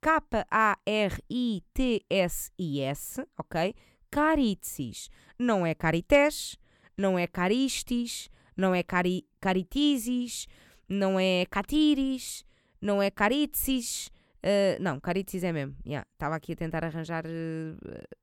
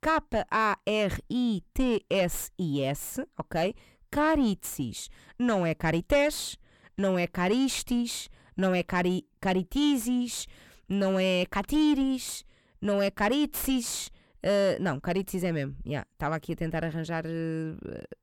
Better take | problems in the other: first | distortion; slight; 10 dB below the speech

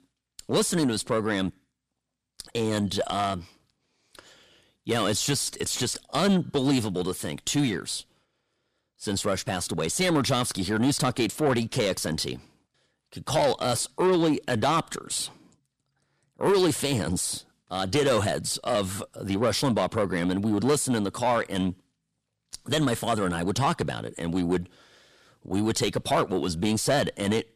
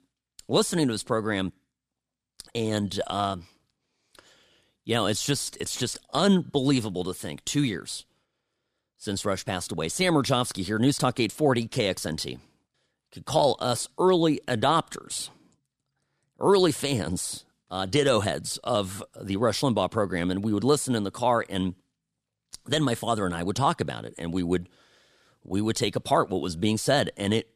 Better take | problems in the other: second | distortion; slight; 10 dB below the speech

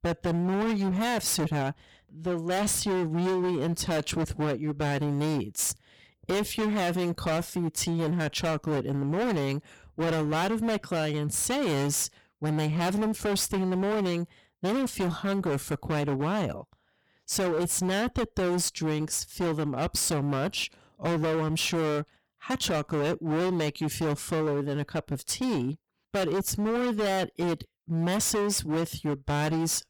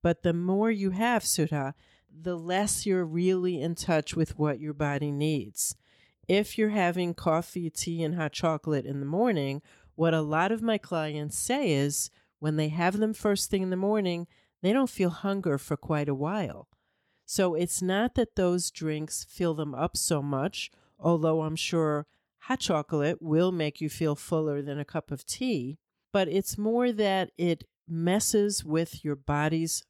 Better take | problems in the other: second | distortion; heavy; 30% of the sound clipped

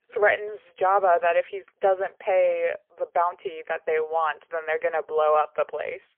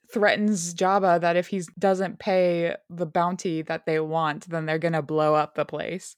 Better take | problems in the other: second | phone-call audio; poor line

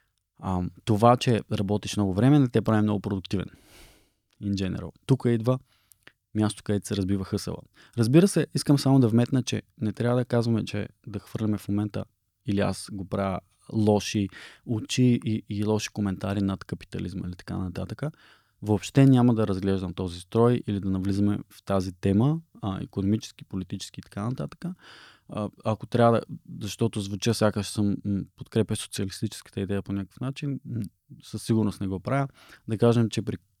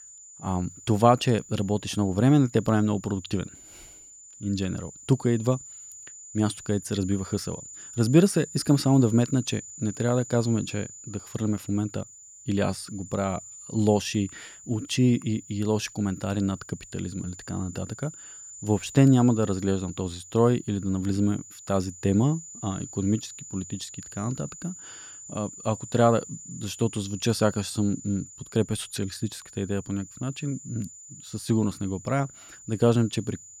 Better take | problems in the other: first | high-pitched whine; noticeable; throughout; 7 kHz, 15 dB below the speech

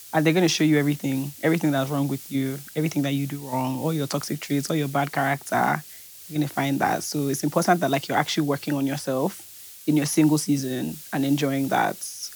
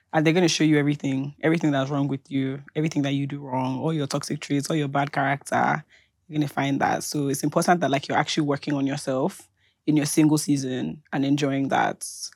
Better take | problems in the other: second | hiss; noticeable; throughout; 15 dB below the speech

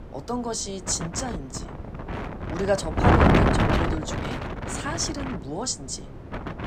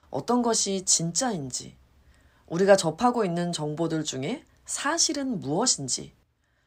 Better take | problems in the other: second | wind noise on the microphone; heavy; 4 dB above the speech

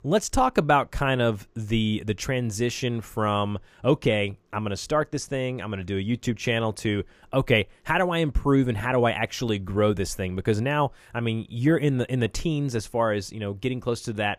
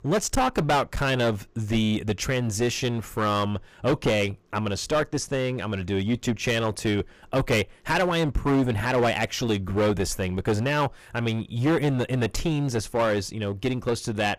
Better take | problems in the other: first | distortion; heavy; 13% of the sound clipped

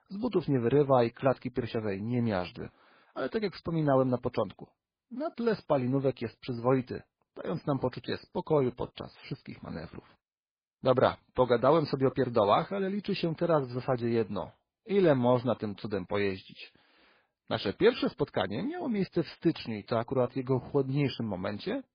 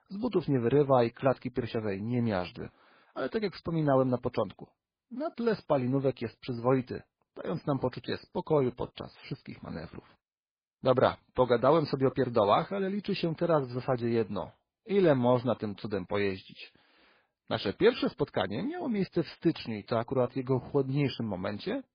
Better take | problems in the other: neither | garbled, watery; badly; the same in both

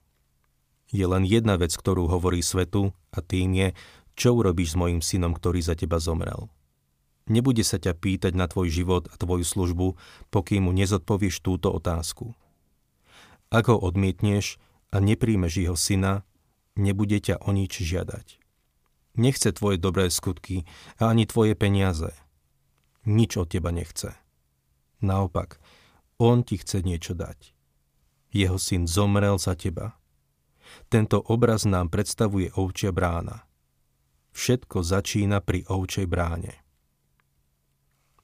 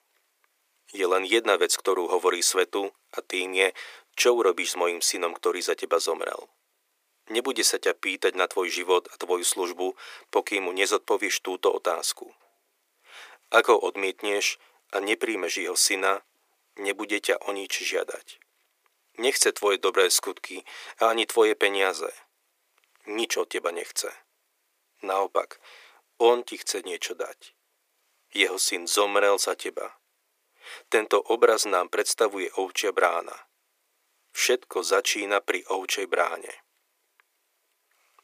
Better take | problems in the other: first | thin; very; fading below 350 Hz

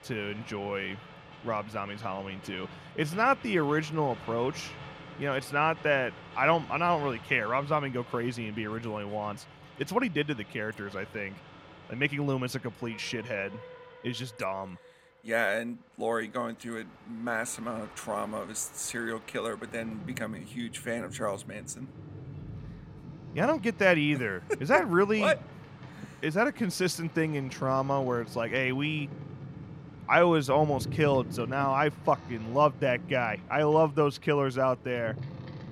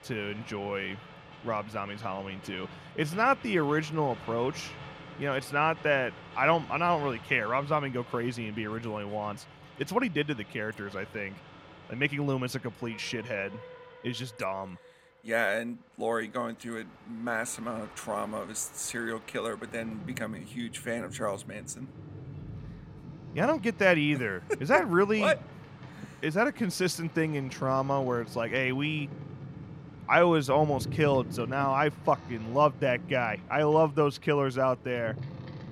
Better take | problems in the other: neither | train or aircraft noise; noticeable; throughout; 15 dB below the speech; the same in both

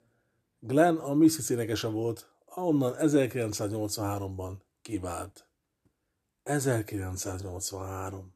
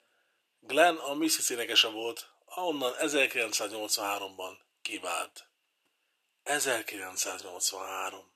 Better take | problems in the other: first | thin; very; fading below 700 Hz

